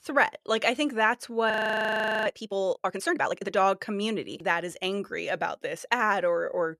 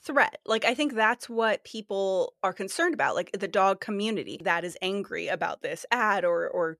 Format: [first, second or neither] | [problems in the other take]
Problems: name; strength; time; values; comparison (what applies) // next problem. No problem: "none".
second | audio freezing; at 1.5 s for 1 s